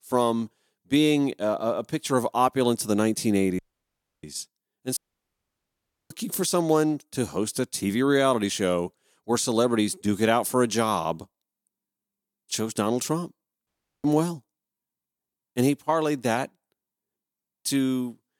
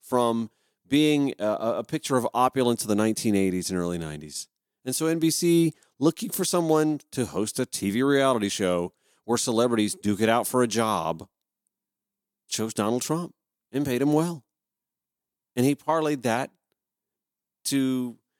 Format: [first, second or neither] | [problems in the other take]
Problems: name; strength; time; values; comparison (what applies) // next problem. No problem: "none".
second | audio cutting out; at 3.5 s for 0.5 s, at 5 s for 1 s and at 14 s